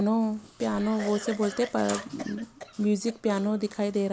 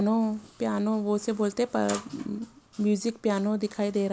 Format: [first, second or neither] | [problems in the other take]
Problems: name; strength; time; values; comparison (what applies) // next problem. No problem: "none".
second | background sound (Cough); 15 dB below the speech